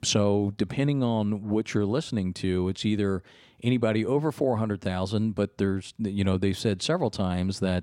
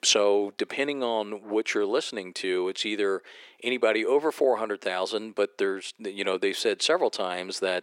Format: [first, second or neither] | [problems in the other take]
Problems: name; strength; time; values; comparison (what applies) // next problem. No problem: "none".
first | thin; very; fading below 400 Hz